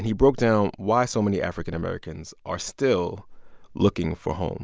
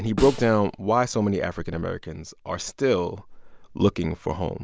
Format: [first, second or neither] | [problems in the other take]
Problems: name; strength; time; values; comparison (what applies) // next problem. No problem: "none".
first | background sound (Snare drum); 13 dB below the speech